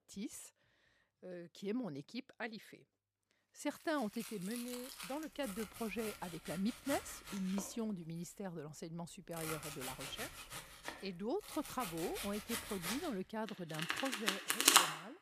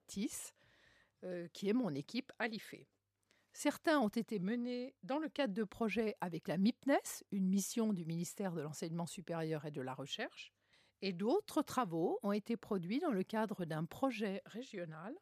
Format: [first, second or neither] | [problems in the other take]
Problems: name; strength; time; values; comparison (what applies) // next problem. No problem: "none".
second | household noises; very loud; from 4.5 s on; 5 dB above the speech